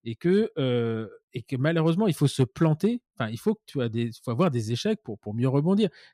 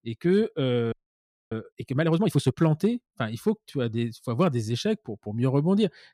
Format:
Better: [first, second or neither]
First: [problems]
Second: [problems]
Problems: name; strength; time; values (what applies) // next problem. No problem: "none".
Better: first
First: none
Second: audio freezing; at 1 s for 0.5 s